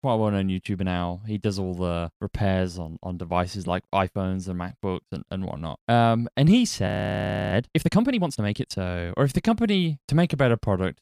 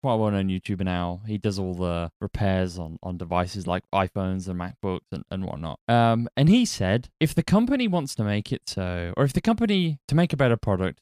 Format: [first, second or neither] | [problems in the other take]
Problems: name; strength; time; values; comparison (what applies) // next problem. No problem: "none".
second | audio freezing; at 7 s for 0.5 s